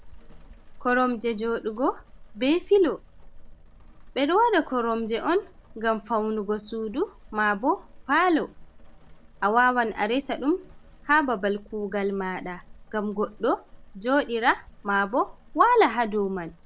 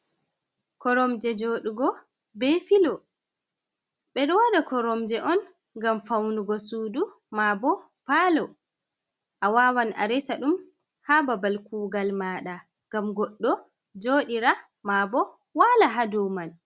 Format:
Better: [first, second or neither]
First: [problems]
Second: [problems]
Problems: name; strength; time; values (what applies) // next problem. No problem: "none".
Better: second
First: background sound (Rain); 20 dB below the speech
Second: none